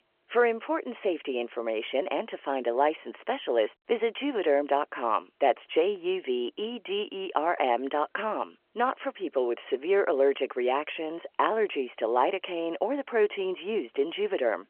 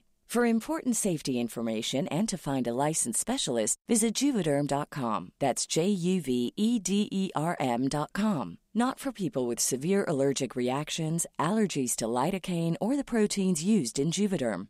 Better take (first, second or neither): second